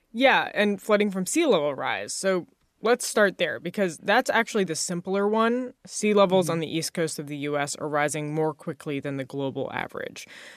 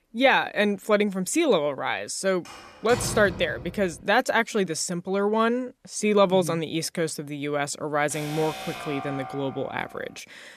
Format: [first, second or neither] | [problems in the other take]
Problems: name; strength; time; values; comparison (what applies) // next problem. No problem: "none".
first | door banging; noticeable; from 2.5 to 4 s; peak 7 dB below the speech // alarm; noticeable; from 8 to 10 s; peak 10 dB below the speech